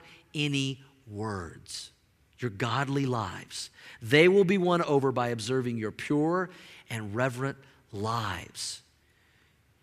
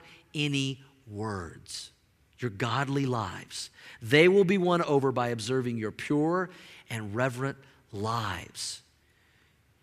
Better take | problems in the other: neither | none

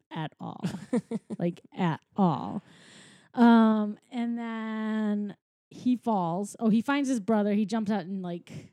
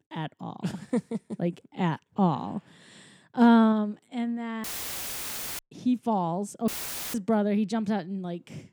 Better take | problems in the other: first | audio cutting out; filled with static; at 4.5 s for 1 s and at 6.5 s

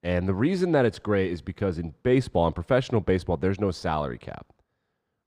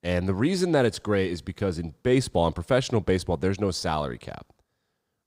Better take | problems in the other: second | muffled; slightly; fading above 4 kHz

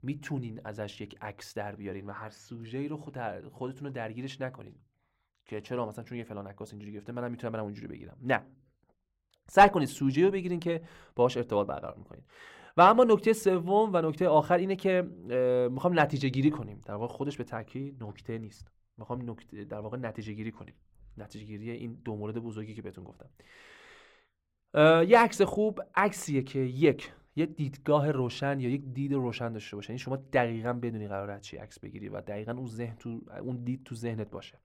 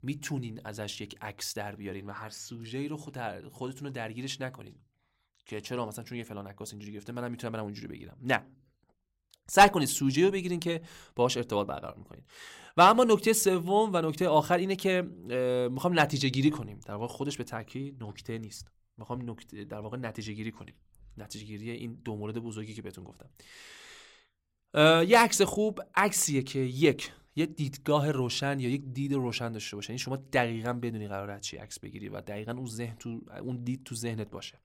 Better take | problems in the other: second | muffled; slightly; fading above 3 kHz

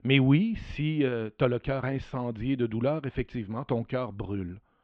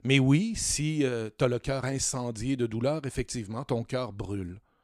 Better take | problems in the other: second | muffled; very; fading above 3 kHz

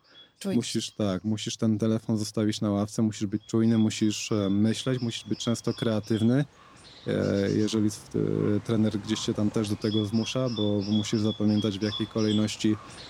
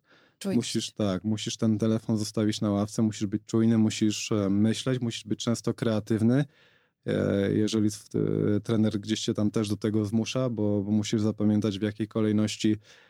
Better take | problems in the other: second | animal sounds; noticeable; throughout; 15 dB below the speech

